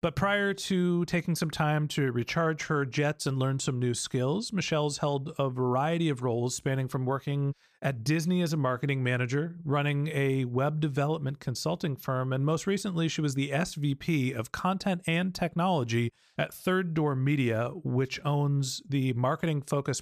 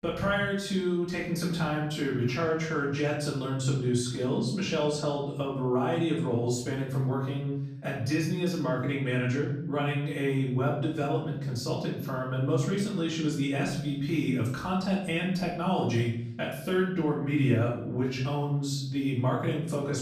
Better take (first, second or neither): first